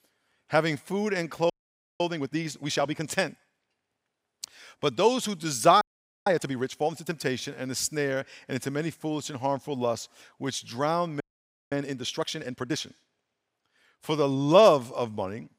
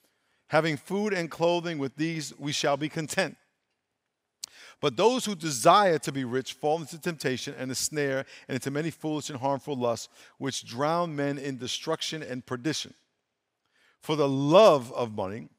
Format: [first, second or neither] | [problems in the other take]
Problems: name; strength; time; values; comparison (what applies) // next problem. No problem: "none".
second | audio freezing; at 1.5 s for 0.5 s, at 6 s and at 11 s for 0.5 s